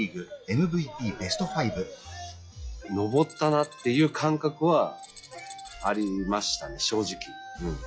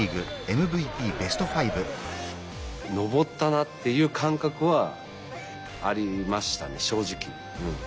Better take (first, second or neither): second